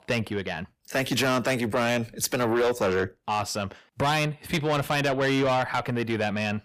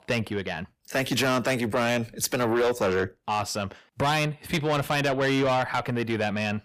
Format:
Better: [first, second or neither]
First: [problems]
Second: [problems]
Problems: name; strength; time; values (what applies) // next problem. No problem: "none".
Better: neither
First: distortion; heavy; 8 dB below the speech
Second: distortion; heavy; 8 dB below the speech